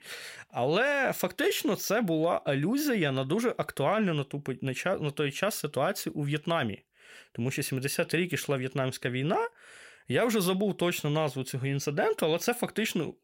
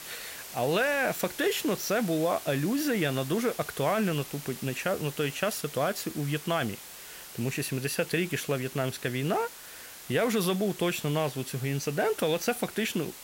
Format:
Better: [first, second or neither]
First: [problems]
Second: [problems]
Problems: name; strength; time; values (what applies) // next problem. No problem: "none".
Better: first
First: none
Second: hiss; noticeable; throughout; 10 dB below the speech